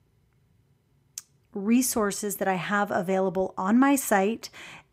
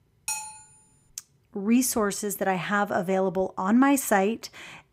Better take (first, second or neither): first